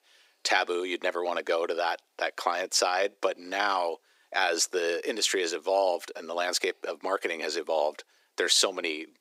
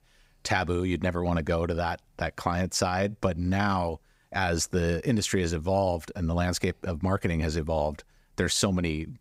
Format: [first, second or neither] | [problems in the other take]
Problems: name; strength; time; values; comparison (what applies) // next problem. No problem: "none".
second | thin; very; fading below 350 Hz